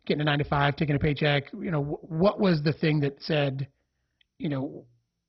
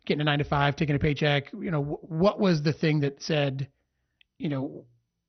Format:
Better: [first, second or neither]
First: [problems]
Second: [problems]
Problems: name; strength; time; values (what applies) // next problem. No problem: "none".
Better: second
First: garbled, watery; badly; nothing above 5.5 kHz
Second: garbled, watery; slightly; nothing above 6 kHz